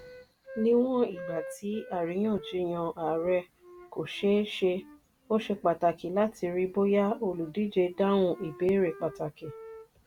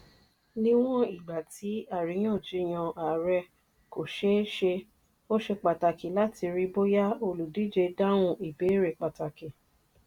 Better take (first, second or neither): second